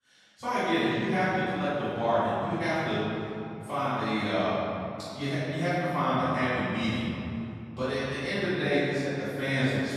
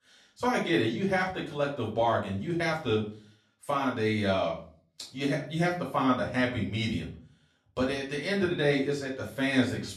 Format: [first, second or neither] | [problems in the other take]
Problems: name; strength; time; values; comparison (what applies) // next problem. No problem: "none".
second | room echo; strong; dies away in 2.8 s; slight in the second // off-mic speech; far; far in the second